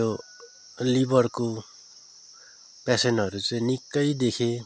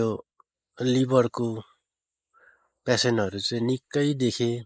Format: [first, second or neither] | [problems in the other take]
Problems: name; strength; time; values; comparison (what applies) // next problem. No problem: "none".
first | noise reduction (neural mask model Resemble Enhance denoiser)